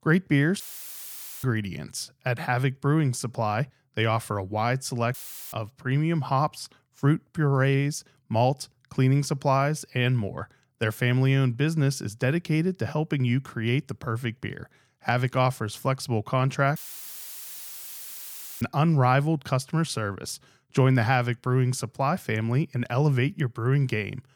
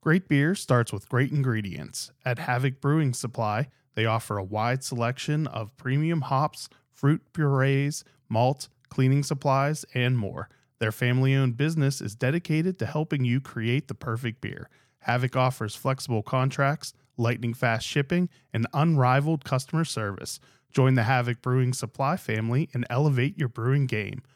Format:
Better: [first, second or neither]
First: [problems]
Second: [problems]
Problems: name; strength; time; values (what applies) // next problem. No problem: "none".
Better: second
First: audio cutting out; filled with static; at 0.5 s for 1 s, at 5 s and at 17 s for 2 s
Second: none